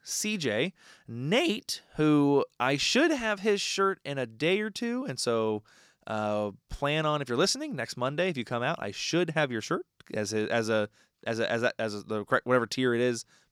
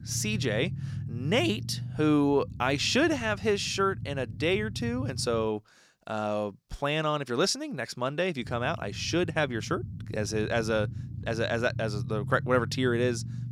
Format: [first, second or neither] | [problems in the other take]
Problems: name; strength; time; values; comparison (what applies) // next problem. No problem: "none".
first | low rumble; faint; until 5.5 s and from 8.5 s on; 20 dB below the speech